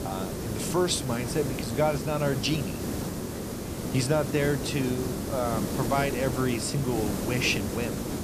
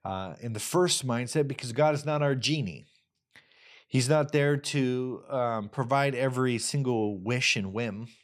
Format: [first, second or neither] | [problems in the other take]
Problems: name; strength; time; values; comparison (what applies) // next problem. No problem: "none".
second | hiss; loud; throughout; 3 dB below the speech